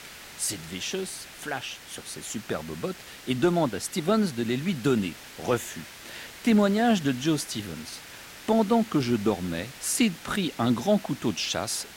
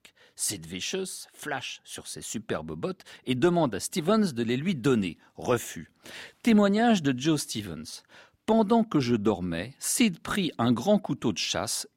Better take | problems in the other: second | hiss; noticeable; throughout; 15 dB below the speech

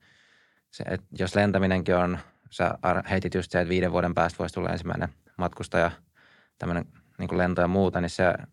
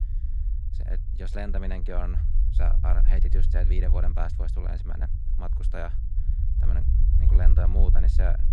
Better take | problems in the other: first | low rumble; loud; throughout; 6 dB below the speech

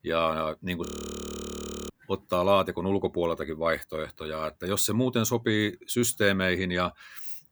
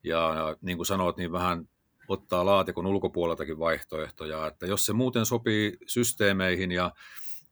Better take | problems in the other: second | audio freezing; at 1 s for 1 s

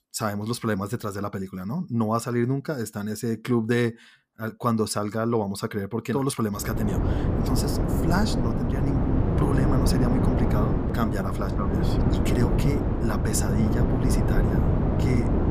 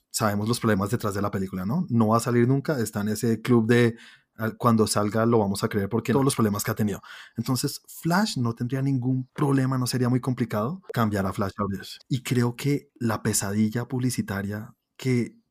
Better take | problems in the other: second | wind noise on the microphone; heavy; from 6.5 s on; as loud as the speech

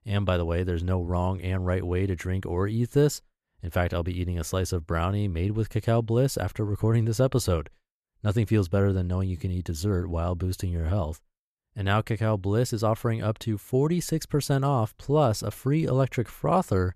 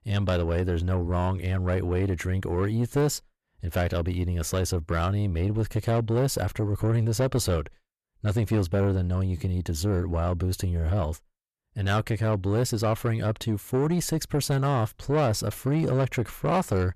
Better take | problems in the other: first | distortion; slight; 10 dB below the speech

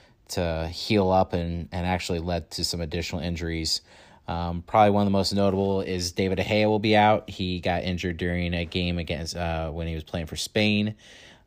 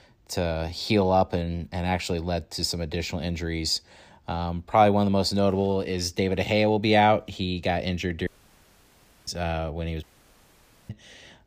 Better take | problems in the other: first | audio cutting out; at 8.5 s for 1 s and at 10 s for 1 s

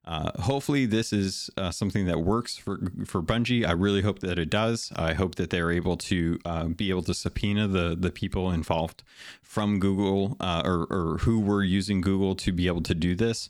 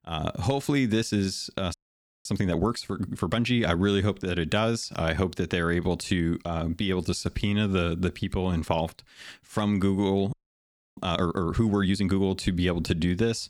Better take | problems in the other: first | audio freezing; at 1.5 s for 0.5 s and at 10 s for 0.5 s

